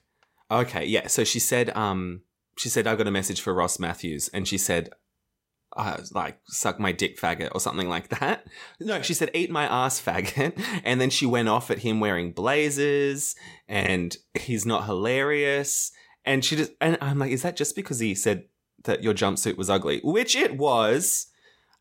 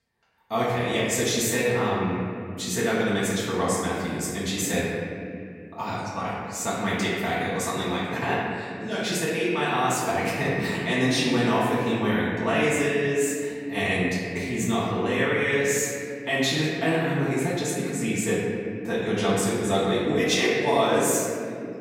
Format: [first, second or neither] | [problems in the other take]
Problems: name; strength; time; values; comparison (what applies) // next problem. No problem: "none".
first | off-mic speech; far // room echo; noticeable; dies away in 2.5 s